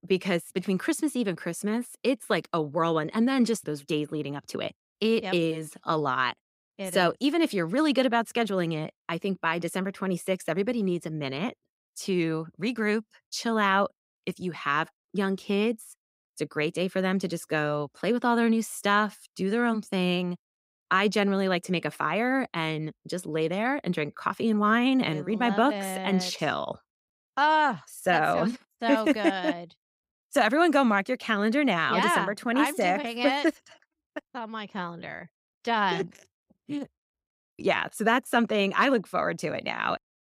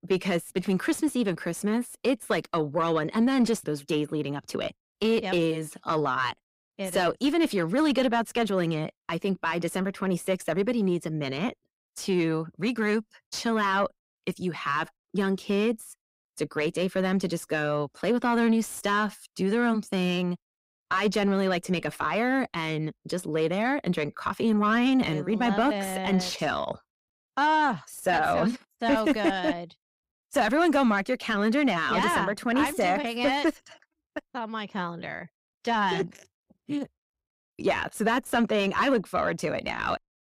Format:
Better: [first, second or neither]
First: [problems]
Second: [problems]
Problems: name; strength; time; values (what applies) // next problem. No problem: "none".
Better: first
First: none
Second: distortion; slight; 10 dB below the speech